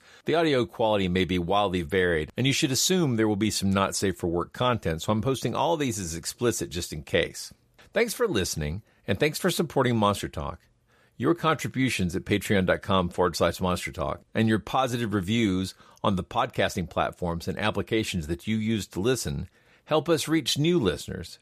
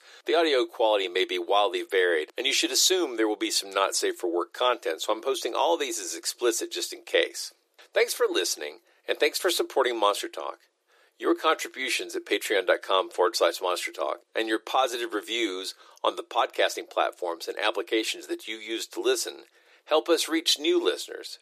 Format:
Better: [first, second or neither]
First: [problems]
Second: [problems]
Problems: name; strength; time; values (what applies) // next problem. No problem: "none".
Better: first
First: none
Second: thin; very; fading below 350 Hz